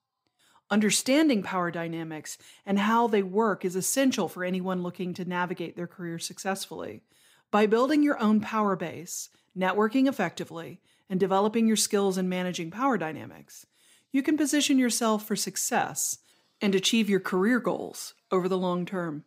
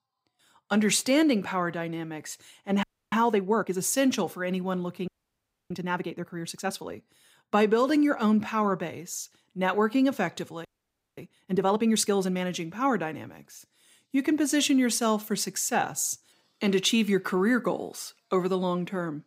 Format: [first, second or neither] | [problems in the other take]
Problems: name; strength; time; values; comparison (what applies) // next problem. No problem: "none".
first | audio freezing; at 3 s, at 5 s for 0.5 s and at 11 s for 0.5 s